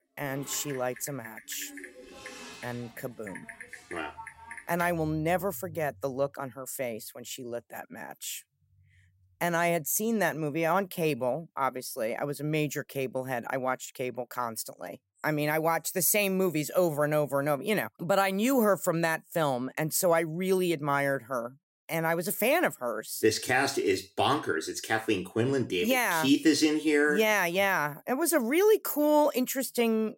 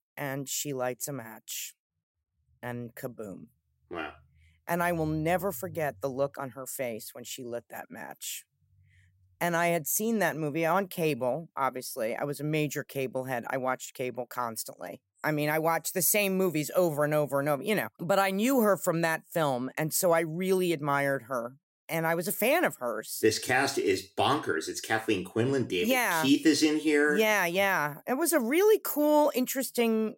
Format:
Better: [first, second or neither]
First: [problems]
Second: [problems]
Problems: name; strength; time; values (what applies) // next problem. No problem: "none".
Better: second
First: keyboard typing; faint; until 5 s; peak 15 dB below the speech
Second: none